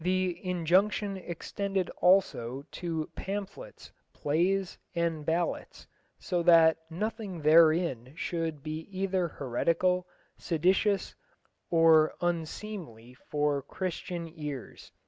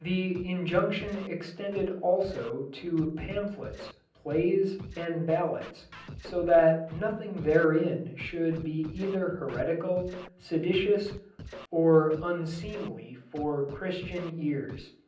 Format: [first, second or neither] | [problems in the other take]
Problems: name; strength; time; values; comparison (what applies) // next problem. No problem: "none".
first | background sound (Scratching (performance technique)); 17 dB below the speech // room echo; dies away in 0.6 s